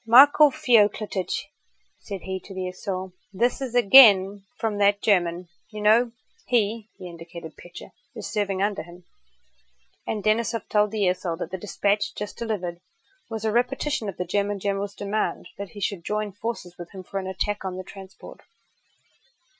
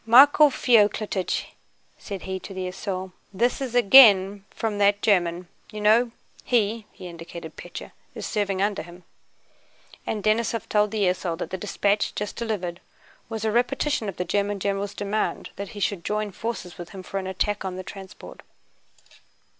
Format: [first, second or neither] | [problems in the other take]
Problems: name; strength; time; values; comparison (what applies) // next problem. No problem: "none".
second | noise reduction (classical method Wiener filter)